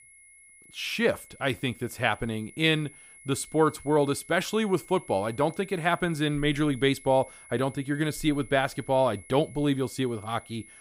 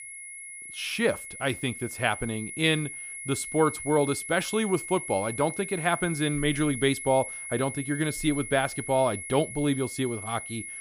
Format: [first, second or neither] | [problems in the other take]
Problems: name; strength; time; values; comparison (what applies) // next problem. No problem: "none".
first | high-pitched whine; loud; throughout; 2 kHz, 8 dB below the speech; faint in the first